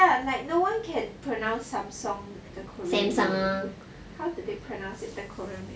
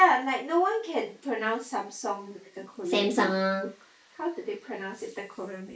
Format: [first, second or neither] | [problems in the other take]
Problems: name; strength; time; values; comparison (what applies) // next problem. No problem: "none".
first | noise reduction (neural mask model Resemble Enhance denoiser)